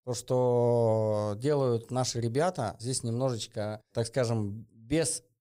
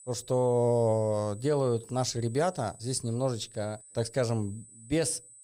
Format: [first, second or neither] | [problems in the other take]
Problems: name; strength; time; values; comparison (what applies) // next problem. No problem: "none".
first | high-pitched whine; faint; throughout; 8 kHz, 20 dB below the speech